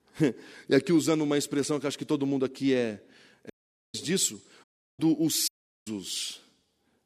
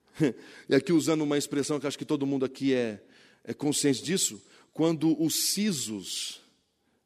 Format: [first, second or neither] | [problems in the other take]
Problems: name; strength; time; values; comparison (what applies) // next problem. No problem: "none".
second | audio cutting out; at 3.5 s, at 4.5 s and at 5.5 s